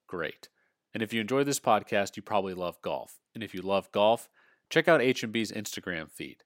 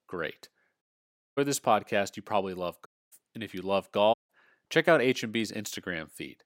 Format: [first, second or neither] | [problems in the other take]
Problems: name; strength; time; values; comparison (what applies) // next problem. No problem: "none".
first | audio cutting out; at 1 s for 0.5 s, at 3 s and at 4 s